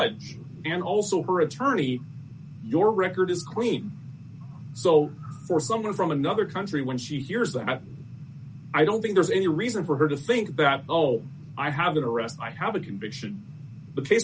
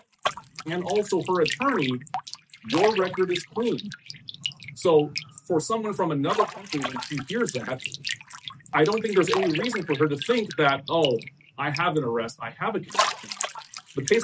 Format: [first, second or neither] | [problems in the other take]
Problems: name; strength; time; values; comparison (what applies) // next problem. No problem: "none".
first | noise reduction (neural mask model RNNoise)